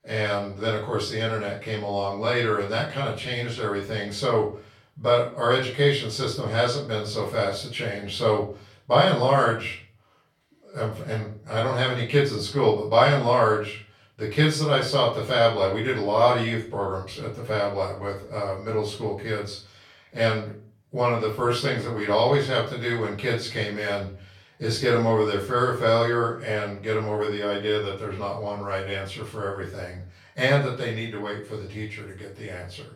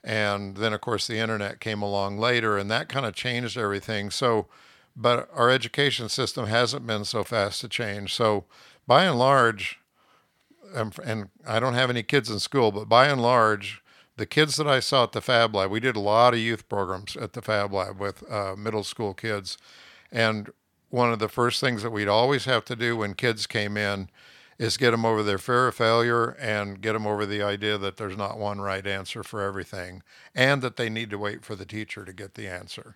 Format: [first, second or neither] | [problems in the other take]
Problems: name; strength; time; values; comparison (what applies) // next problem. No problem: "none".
second | off-mic speech; far // room echo; noticeable; dies away in 0.4 s